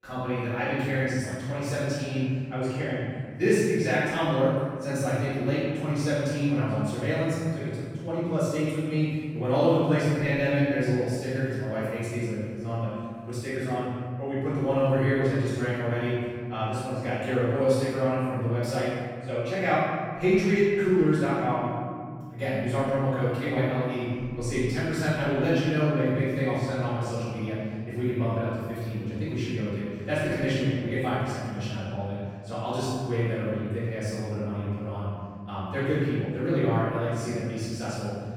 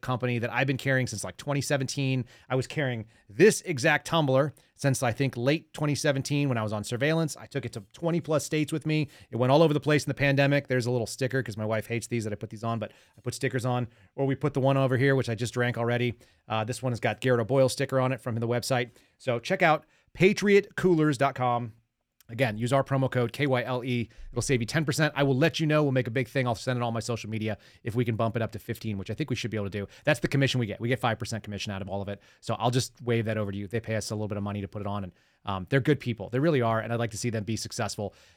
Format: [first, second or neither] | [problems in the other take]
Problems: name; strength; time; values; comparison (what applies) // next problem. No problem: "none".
second | off-mic speech; far // room echo; strong; dies away in 2.2 s